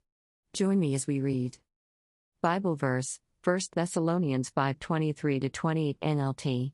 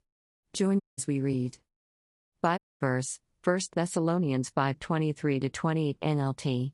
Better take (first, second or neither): first